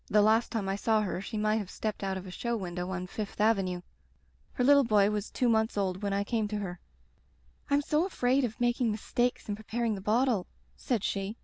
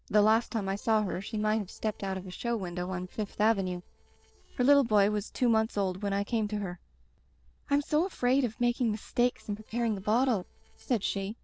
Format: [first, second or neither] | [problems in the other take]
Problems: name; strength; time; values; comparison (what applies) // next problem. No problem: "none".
first | noise reduction (neural separator model SepFormer DNS4)